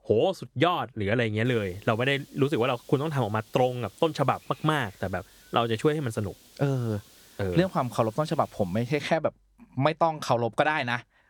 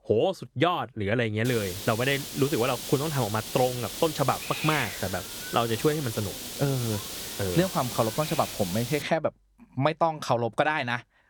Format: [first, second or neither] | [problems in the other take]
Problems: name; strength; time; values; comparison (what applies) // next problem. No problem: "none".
first | hiss; loud; from 1.5 to 9 s; 6 dB below the speech; faint in the first